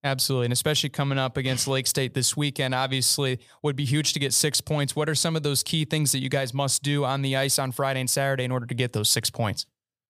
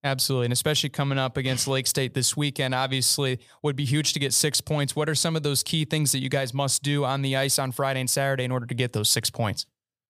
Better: neither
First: none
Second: none

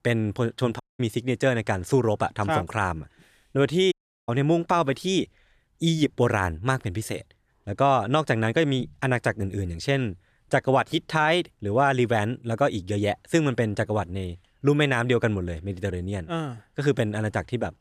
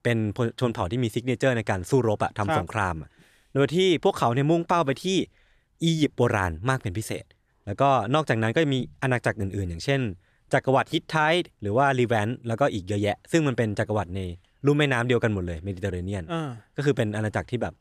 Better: second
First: audio cutting out; at 1 s and at 4 s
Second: none

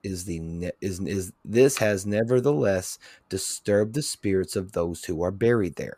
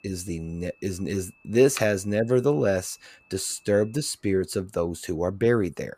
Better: first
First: none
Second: high-pitched whine; faint; until 4 s; 2.5 kHz, 30 dB below the speech

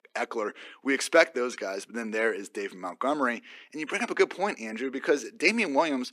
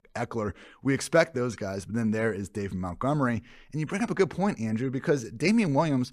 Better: second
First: thin; somewhat; fading below 250 Hz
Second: none

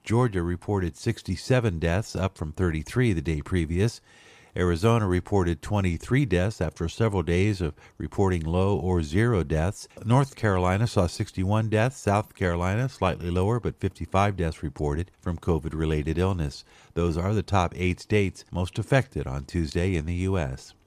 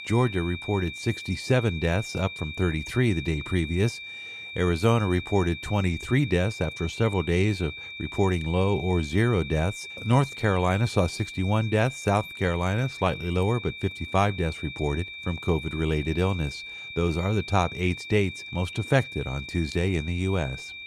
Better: first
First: none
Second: high-pitched whine; noticeable; throughout; 2.5 kHz, 10 dB below the speech

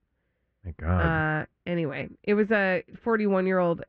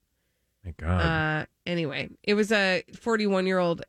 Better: second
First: muffled; very; fading above 2 kHz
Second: none

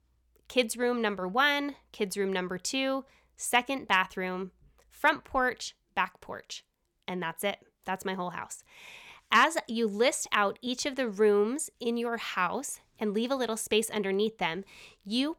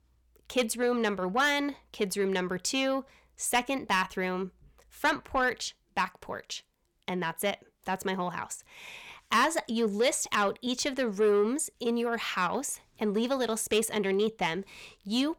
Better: first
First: none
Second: distortion; slight; 10 dB below the speech

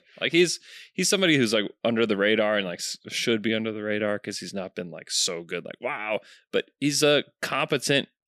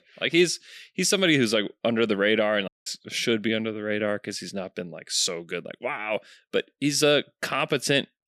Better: first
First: none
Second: audio cutting out; at 2.5 s

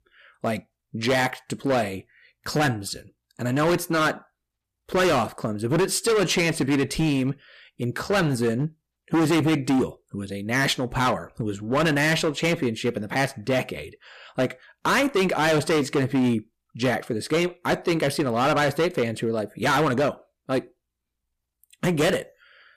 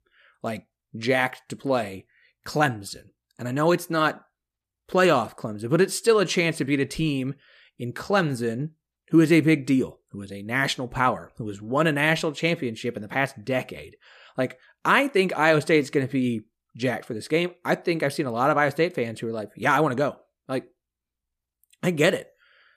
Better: second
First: distortion; heavy; 12% of the sound clipped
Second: none

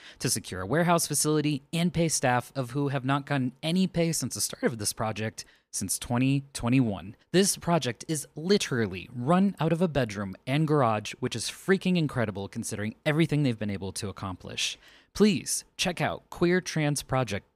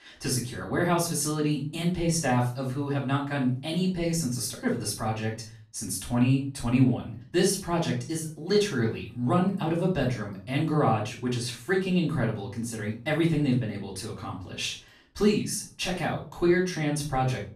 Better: first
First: none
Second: off-mic speech; far // room echo; slight; dies away in 0.3 s

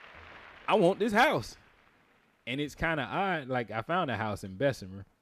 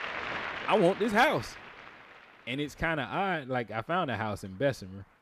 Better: first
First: crowd noise; faint; throughout; 25 dB below the speech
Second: crowd noise; loud; throughout; 9 dB below the speech

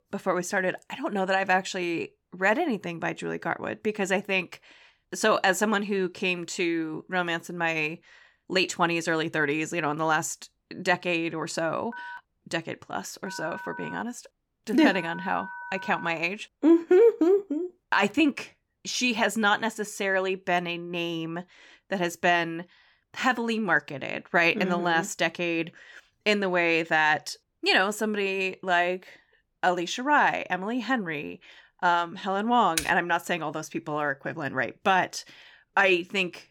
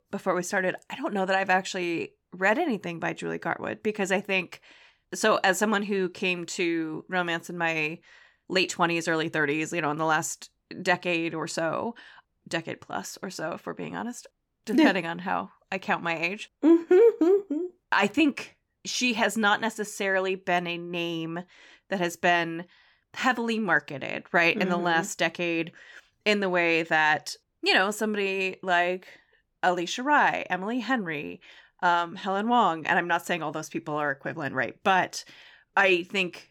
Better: second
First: phone ringing; faint; from 12 to 16 s; peak 10 dB below the speech // keyboard typing; noticeable; at 33 s; peak 5 dB below the speech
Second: none

